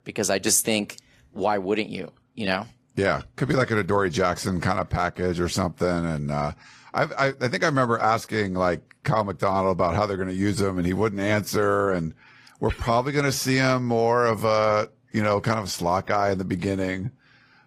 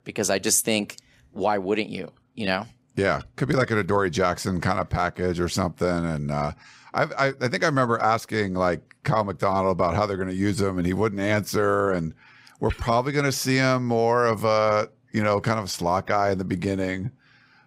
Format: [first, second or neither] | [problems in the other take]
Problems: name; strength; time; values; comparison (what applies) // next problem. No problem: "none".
second | garbled, watery; slightly; nothing above 15.5 kHz